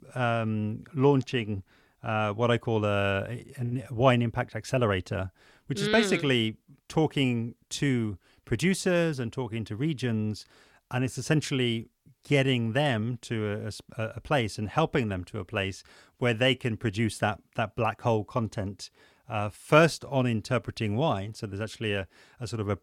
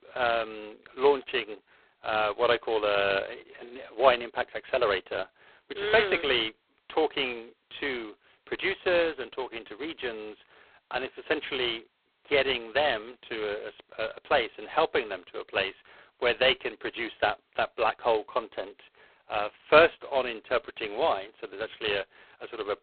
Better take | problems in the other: first | phone-call audio; poor line; nothing above 4 kHz

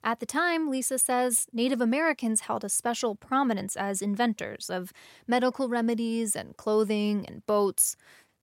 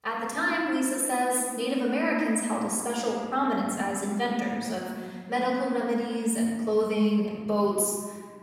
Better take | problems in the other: first | off-mic speech; far // room echo; noticeable; dies away in 1.9 s

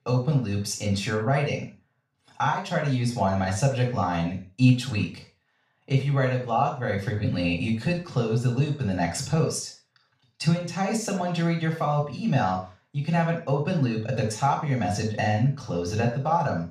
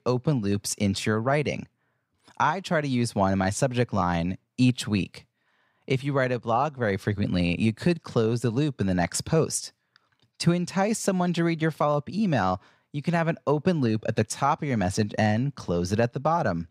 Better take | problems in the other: second | room echo; noticeable; dies away in 0.3 s // off-mic speech; far

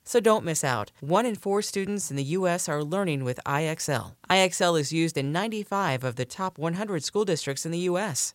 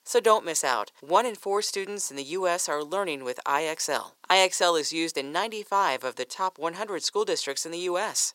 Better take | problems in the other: first | thin; very; fading below 350 Hz

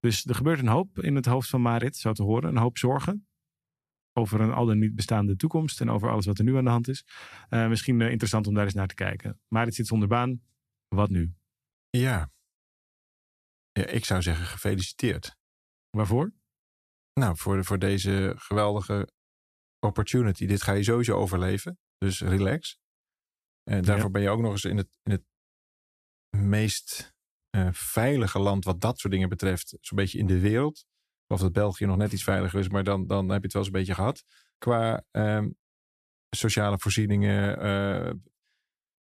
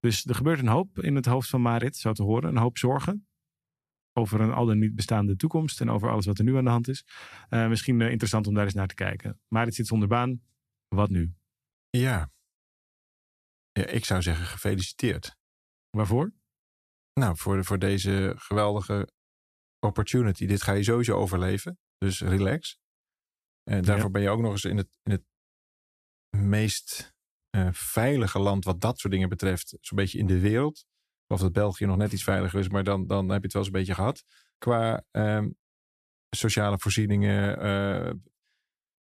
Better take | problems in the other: neither | none

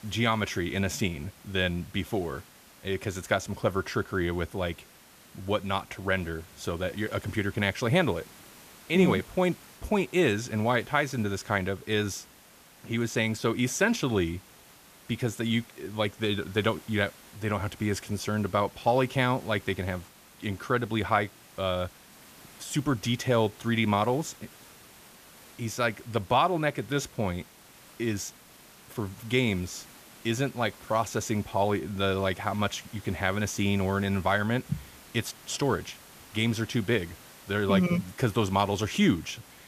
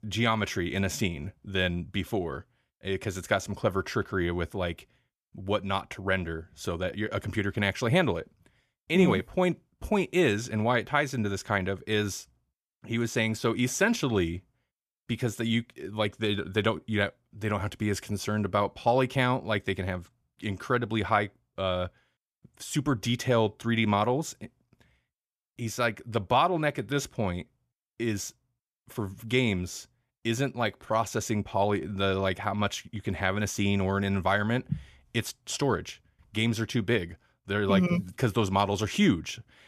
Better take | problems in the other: second | hiss; faint; throughout; 20 dB below the speech

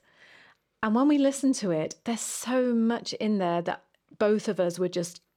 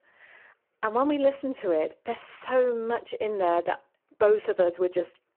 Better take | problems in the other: first | phone-call audio; poor line

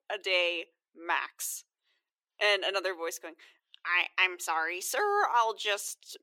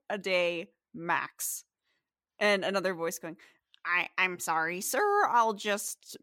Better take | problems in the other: second | thin; very; fading below 350 Hz

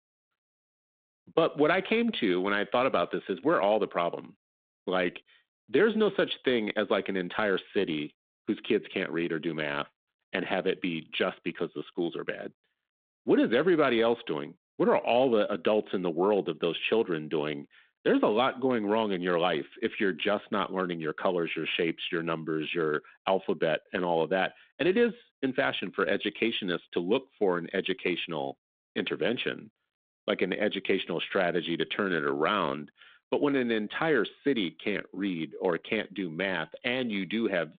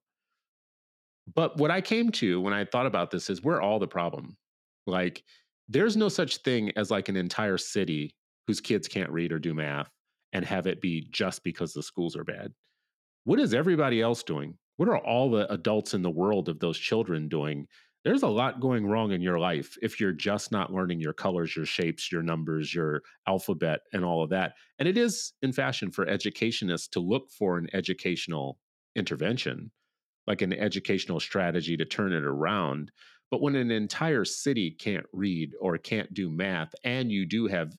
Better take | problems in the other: second | phone-call audio; nothing above 3.5 kHz

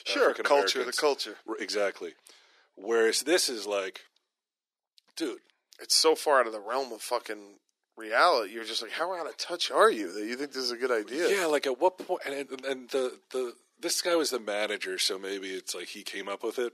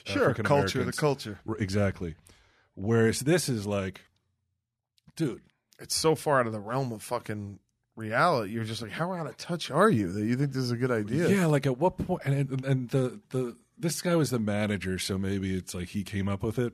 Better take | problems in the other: second | thin; very; fading below 350 Hz

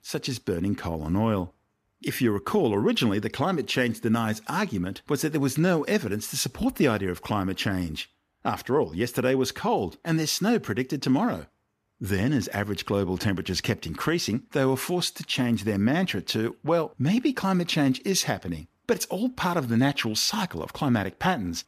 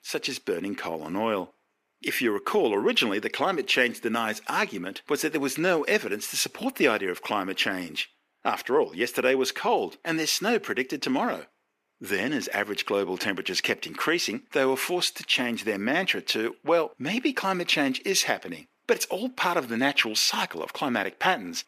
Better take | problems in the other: first | thin; somewhat; fading below 400 Hz

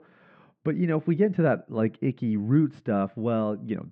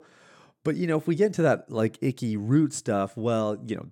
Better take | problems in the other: second | muffled; very; fading above 3 kHz

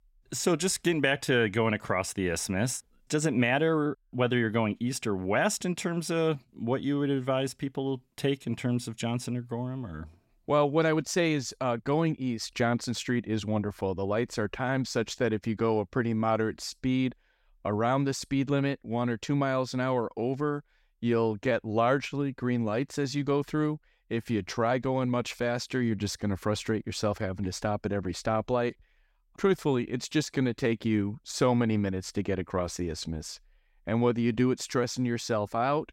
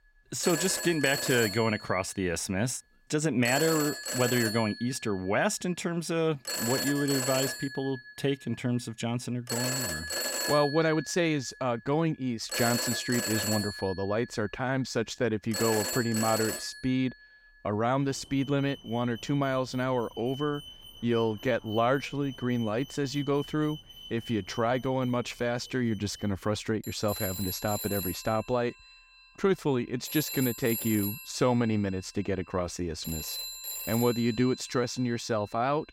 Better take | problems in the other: first | alarms or sirens; loud; throughout; 5 dB below the speech

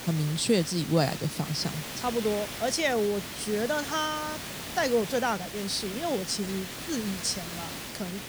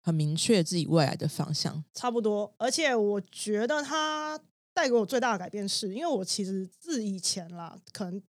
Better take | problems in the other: second | hiss; loud; throughout; 7 dB below the speech

